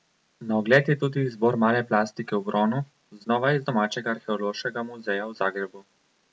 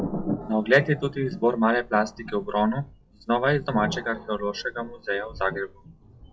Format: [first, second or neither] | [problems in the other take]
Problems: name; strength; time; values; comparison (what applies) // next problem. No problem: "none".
first | noise reduction (classical method log-MMSE)